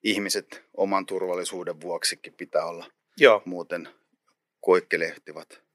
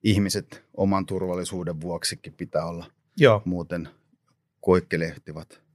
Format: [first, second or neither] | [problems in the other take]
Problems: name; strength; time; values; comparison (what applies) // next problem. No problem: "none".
second | thin; somewhat; fading below 300 Hz